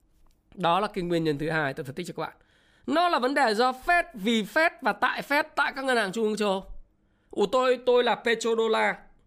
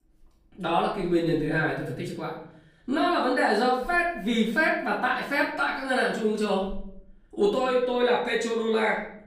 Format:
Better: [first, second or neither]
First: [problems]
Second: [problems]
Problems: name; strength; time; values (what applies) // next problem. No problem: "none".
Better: first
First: none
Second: off-mic speech; far // room echo; noticeable; dies away in 0.7 s